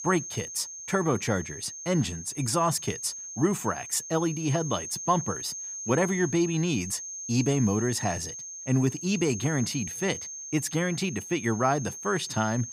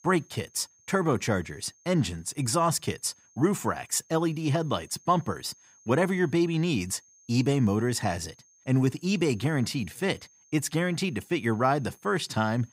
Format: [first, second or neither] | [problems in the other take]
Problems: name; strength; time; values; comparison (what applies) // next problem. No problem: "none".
second | high-pitched whine; loud; throughout; 6.5 kHz, 8 dB below the speech; faint in the second